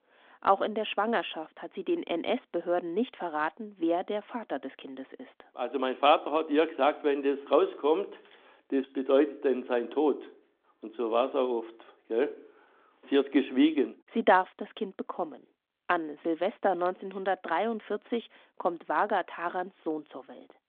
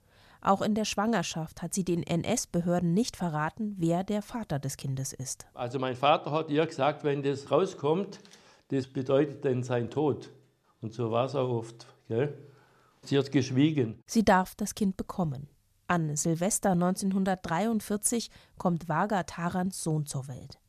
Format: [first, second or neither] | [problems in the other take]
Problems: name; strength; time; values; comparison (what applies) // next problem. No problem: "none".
second | phone-call audio; nothing above 3.5 kHz